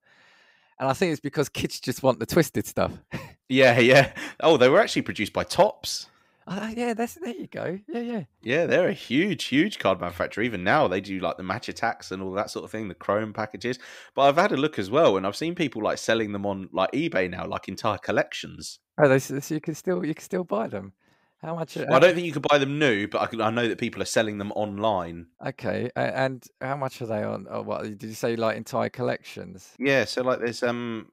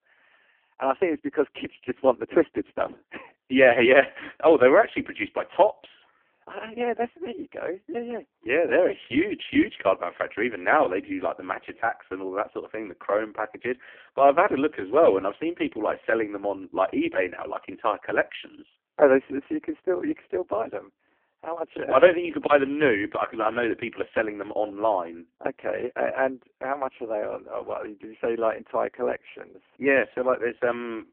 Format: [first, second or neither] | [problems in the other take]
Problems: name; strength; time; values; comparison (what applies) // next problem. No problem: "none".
first | phone-call audio; poor line